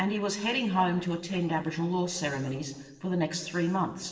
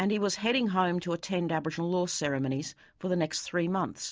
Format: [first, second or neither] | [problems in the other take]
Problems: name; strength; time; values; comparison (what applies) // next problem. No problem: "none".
second | noise reduction (neural separator model SepFormer DNS4)